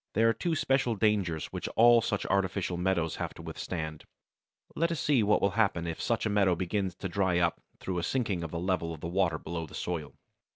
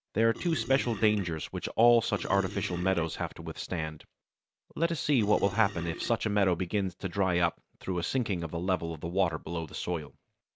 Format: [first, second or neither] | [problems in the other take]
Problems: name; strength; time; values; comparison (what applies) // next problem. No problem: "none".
first | background sound (Burping, eructation); 13 dB below the speech